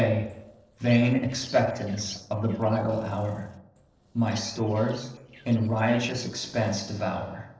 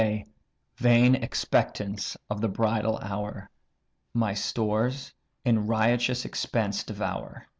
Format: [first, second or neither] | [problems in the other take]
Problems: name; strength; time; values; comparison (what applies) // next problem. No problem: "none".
second | noise reduction (neural separator model SepFormer DNS4)